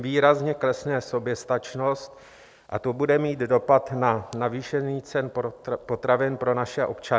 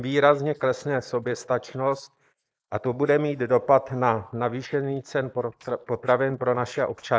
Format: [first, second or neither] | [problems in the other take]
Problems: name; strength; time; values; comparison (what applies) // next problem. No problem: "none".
first | noise reduction (neural mask model Resemble Enhance denoiser)